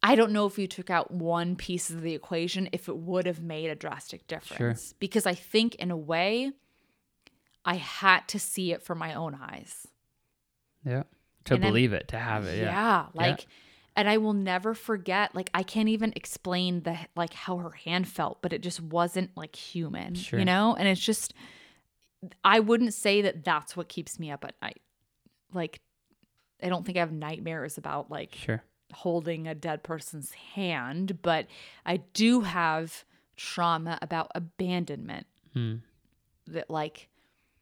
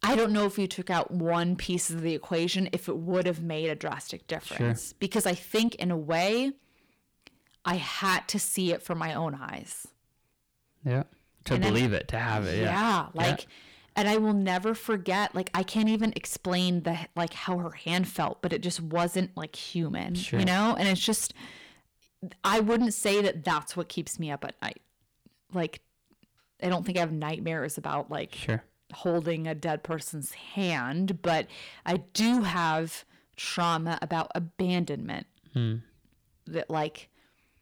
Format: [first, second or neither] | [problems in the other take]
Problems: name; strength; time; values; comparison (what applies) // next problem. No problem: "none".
first | distortion; heavy; 7 dB below the speech